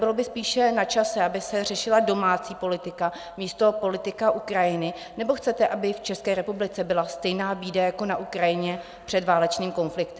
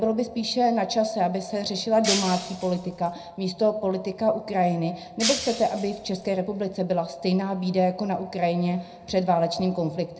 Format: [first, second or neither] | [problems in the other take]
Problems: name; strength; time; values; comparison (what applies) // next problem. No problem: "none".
first | background sound (Shatter); 6 dB below the speech // room echo; dies away in 0.3 s